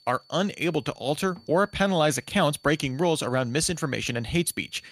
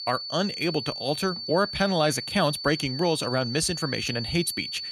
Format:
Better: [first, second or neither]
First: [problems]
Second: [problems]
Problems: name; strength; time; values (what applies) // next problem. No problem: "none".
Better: first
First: high-pitched whine; faint; throughout; 4.5 kHz, 30 dB below the speech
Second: high-pitched whine; loud; throughout; 4.5 kHz, 6 dB below the speech